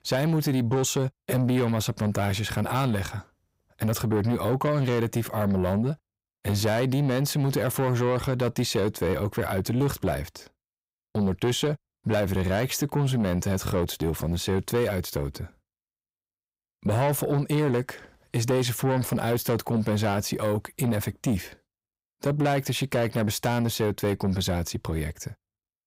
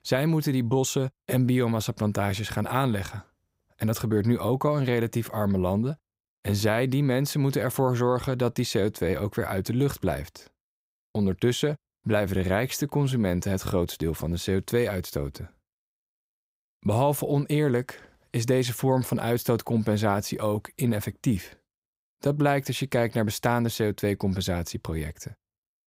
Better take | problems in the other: second | distortion; slight; 10 dB below the speech

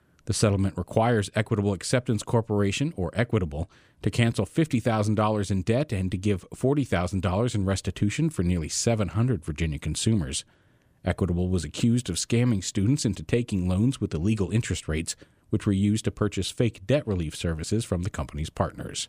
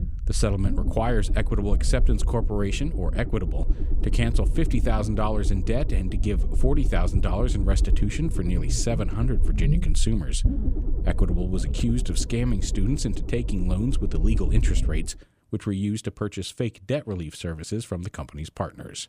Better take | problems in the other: first | low rumble; noticeable; until 15 s; 10 dB below the speech

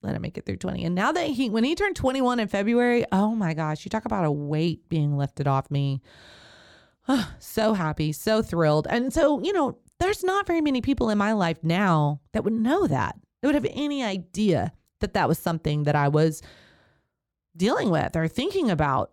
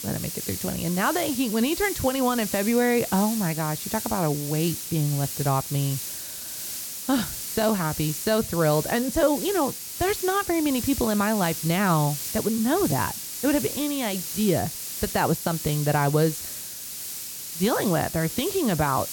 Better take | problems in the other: first | hiss; loud; throughout; 6 dB below the speech

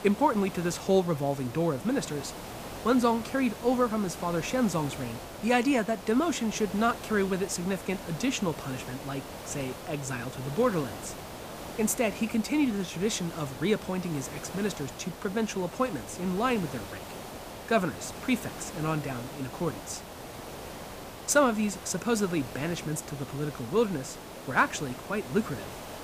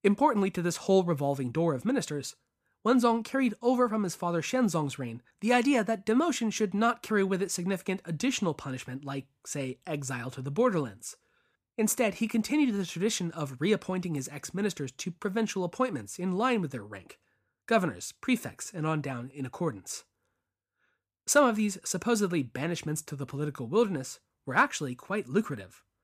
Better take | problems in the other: second | hiss; noticeable; throughout; 10 dB below the speech

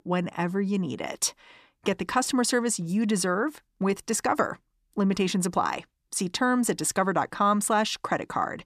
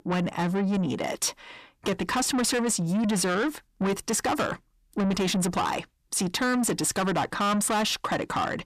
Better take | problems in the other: first | distortion; heavy; 7 dB below the speech

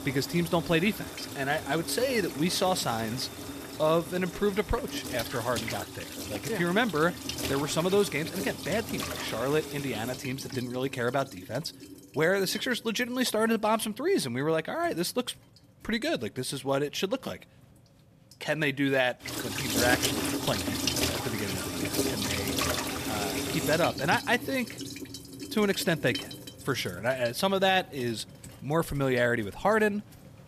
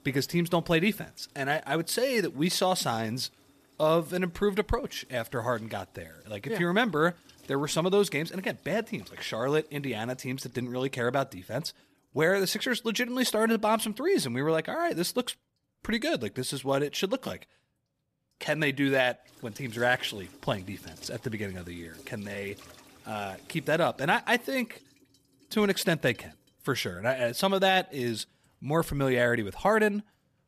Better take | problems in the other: second | household noises; loud; throughout; 5 dB below the speech; faint in the second

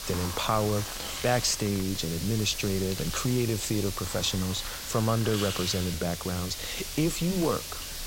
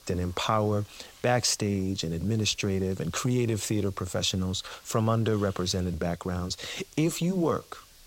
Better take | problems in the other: second | hiss; loud; throughout; 6 dB below the speech; faint in the second

